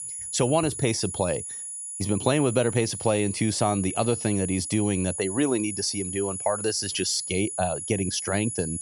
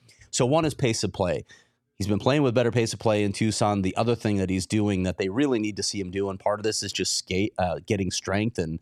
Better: second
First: high-pitched whine; loud; throughout; 10 kHz, 6 dB below the speech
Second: none

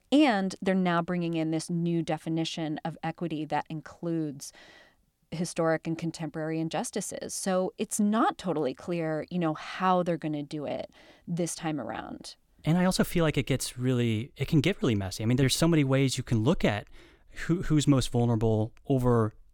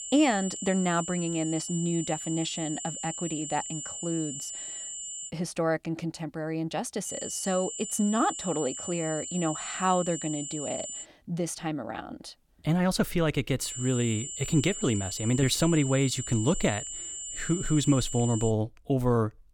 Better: first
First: none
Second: high-pitched whine; loud; until 5.5 s, from 7 to 11 s and from 14 to 19 s; 7 kHz, 6 dB below the speech

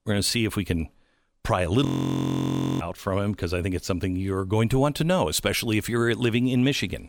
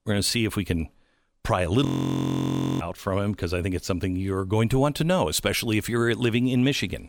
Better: neither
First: audio freezing; at 2 s for 1 s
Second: audio freezing; at 2 s for 1 s

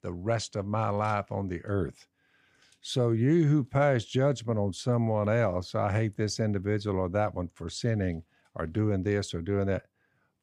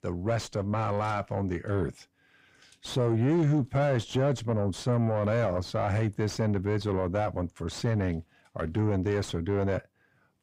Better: first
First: none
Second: distortion; slight; 10 dB below the speech

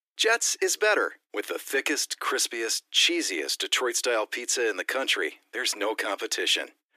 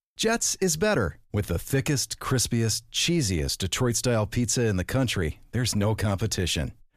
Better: second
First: thin; very; fading below 300 Hz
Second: none

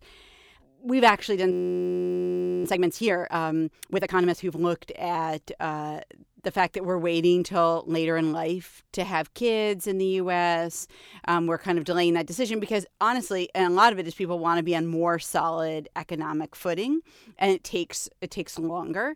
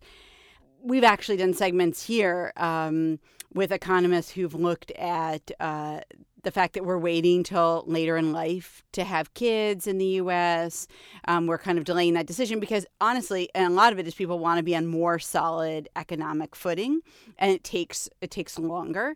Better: second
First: audio freezing; at 1.5 s for 1 s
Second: none

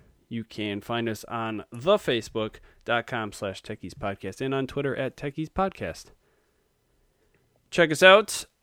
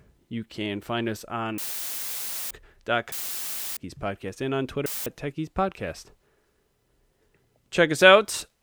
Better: first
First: none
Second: audio cutting out; filled with static; at 1.5 s for 1 s, at 3 s for 0.5 s and at 5 s

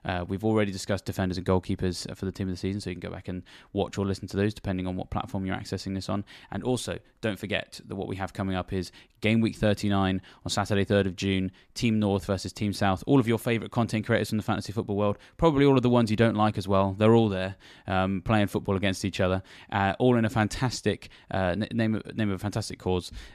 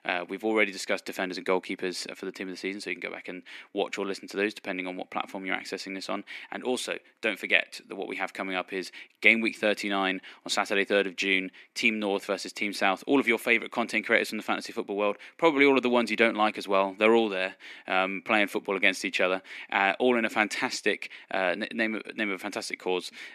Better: first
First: none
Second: thin; somewhat; fading below 250 Hz

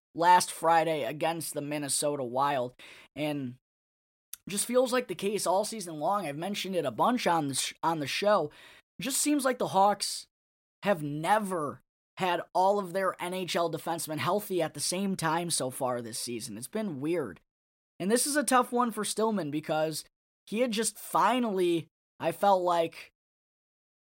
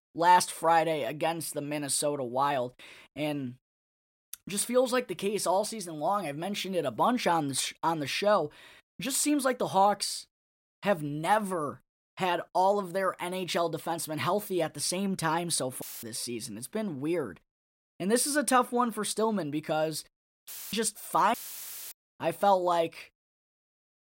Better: first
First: none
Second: audio cutting out; filled with static; at 16 s, at 20 s and at 21 s for 0.5 s

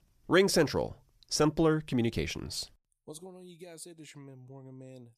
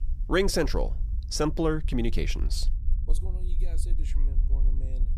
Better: first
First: none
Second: low rumble; faint; throughout; 25 dB below the speech

